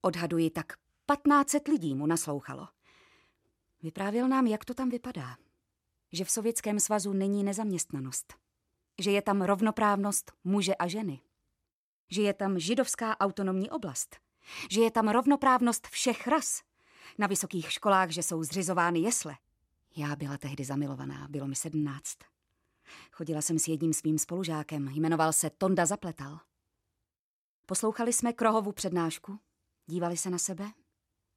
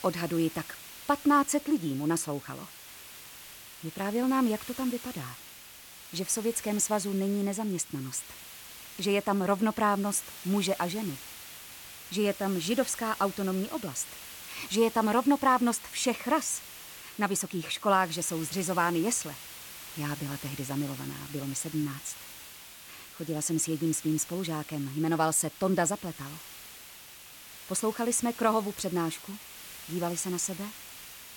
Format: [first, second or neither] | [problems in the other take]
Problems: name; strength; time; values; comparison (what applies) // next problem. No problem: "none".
first | hiss; noticeable; throughout; 15 dB below the speech